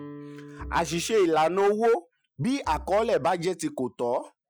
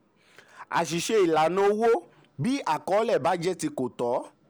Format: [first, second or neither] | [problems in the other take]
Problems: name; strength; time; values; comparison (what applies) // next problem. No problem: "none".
second | noise reduction (classical method Wiener filter)